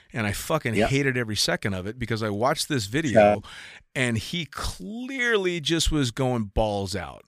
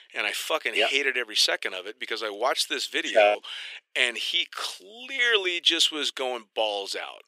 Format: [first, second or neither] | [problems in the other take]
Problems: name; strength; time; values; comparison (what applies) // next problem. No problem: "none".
first | thin; very; fading below 350 Hz